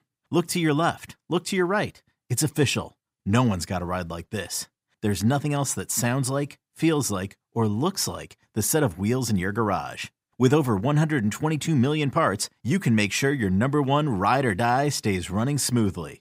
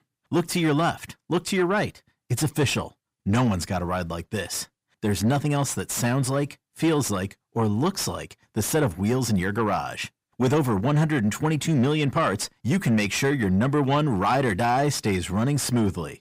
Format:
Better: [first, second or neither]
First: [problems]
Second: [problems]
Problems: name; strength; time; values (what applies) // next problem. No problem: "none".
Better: first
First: none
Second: distortion; slight; 10 dB below the speech